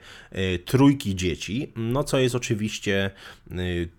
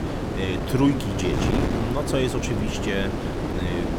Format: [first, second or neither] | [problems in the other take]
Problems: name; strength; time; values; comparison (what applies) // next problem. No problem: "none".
first | wind noise on the microphone; heavy; 1 dB below the speech